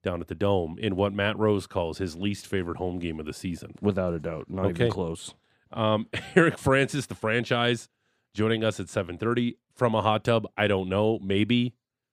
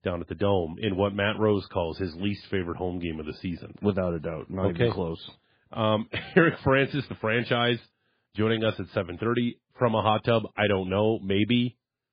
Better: first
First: none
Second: garbled, watery; badly

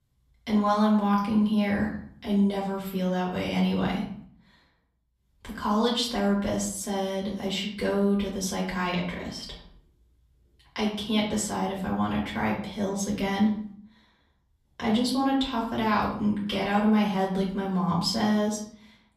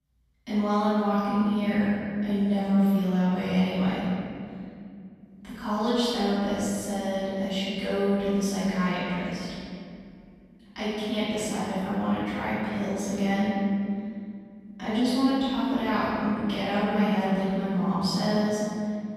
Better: first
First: room echo; slight; dies away in 0.6 s // off-mic speech; far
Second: room echo; strong; dies away in 2.5 s // off-mic speech; far

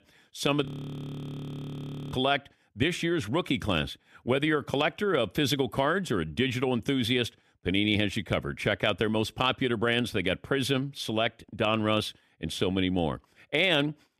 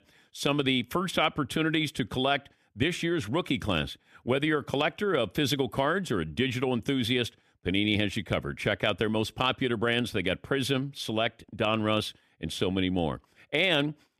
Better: second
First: audio freezing; at 0.5 s for 1.5 s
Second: none

